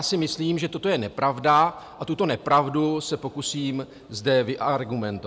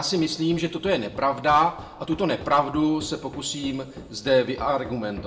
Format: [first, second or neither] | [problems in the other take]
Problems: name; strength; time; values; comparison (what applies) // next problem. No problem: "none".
first | background sound (Run); 19 dB below the speech // room echo; dies away in 0.6 s